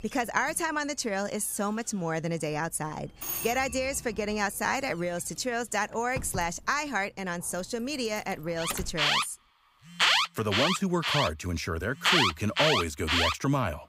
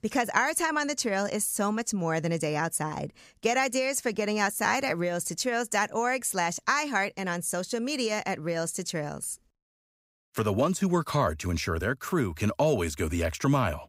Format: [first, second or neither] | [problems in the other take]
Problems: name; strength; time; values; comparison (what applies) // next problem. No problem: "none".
second | alarms or sirens; very loud; throughout; 3 dB above the speech